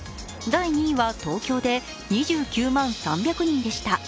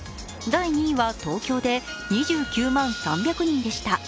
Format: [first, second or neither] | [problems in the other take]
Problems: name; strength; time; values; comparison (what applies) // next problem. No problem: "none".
first | background sound (Wind instrument, woodwind instrument); 13 dB below the speech